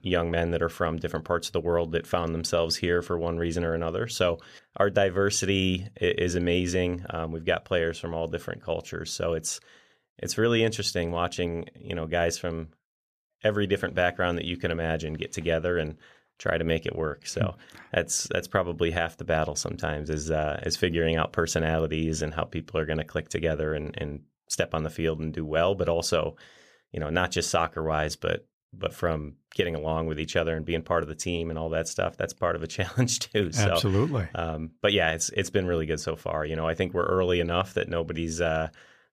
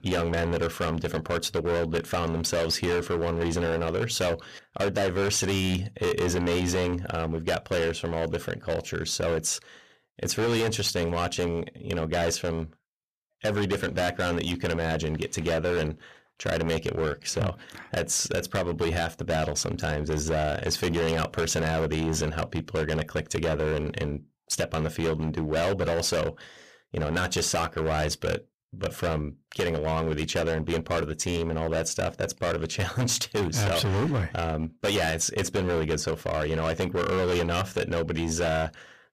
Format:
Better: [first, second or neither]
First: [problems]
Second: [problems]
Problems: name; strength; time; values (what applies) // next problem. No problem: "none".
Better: first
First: none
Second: distortion; heavy; 19% of the sound clipped